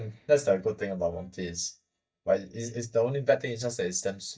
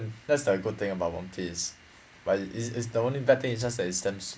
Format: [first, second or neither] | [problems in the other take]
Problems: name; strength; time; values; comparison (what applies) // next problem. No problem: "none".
second | noise reduction (neural mask model DeepFilterNet 3)